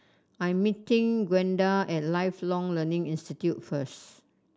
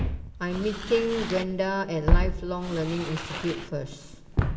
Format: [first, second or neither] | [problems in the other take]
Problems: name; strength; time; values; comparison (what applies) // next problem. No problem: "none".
first | background sound (Walk, footsteps); 1 dB above the speech // room echo; dies away in 2.2 s